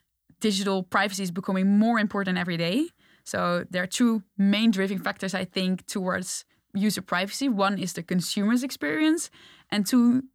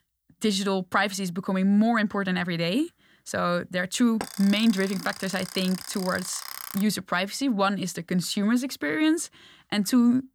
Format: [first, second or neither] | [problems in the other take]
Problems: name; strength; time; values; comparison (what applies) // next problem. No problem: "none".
first | alarm; noticeable; from 4 to 7 s; peak 9 dB below the speech